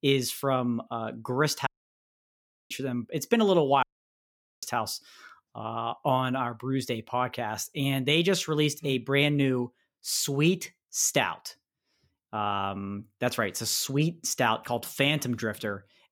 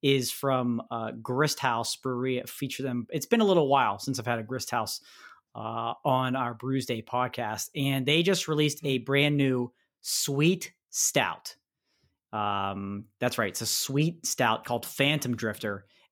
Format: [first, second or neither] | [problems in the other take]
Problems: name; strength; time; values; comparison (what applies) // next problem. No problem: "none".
second | audio cutting out; at 1.5 s for 1 s and at 4 s for 1 s